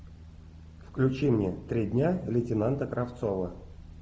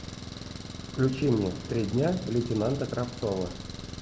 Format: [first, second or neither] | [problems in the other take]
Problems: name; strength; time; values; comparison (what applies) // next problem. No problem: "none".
first | background sound (Engine); 11 dB below the speech